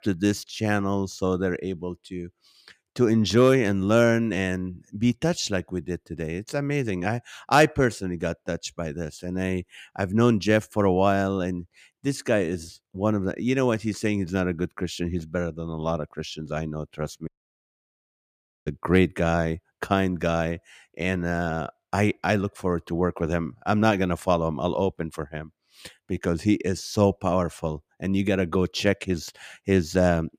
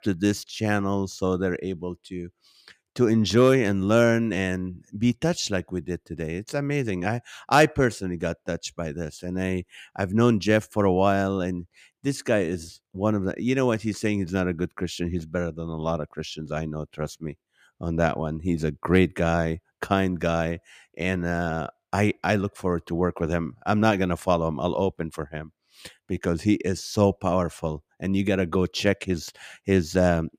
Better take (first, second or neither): second